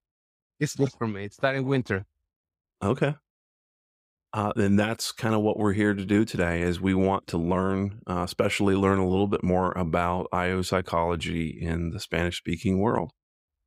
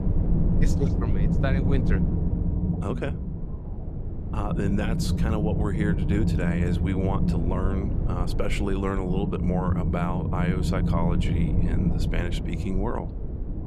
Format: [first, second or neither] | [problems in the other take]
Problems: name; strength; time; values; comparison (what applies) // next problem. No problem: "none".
first | low rumble; loud; throughout; 3 dB below the speech